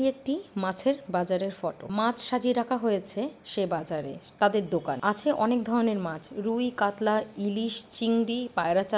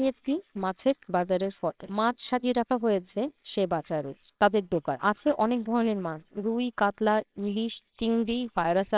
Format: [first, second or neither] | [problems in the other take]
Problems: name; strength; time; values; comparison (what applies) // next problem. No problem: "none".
first | noise reduction (neural separator model SepFormer WHAMR!)